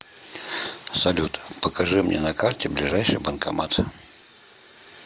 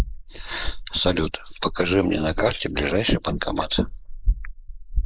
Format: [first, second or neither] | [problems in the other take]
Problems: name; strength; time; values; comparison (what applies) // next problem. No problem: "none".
first | noise reduction (neural mask model Resemble Enhance denoiser)